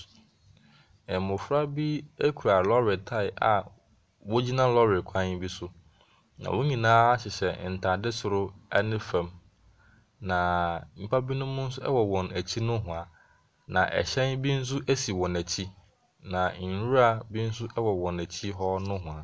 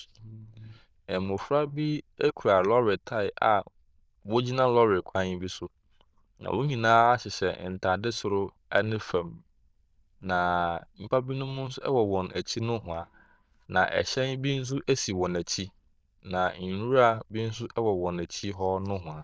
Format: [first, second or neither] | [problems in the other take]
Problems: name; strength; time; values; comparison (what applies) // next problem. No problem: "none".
first | noise reduction (neural diffusion model UNIVERSE++)